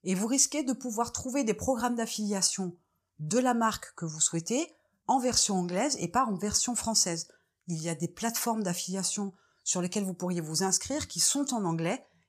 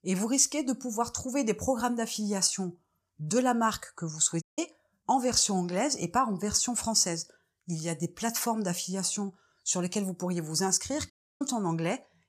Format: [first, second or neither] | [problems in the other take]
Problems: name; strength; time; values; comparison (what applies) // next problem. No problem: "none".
first | audio cutting out; at 4.5 s and at 11 s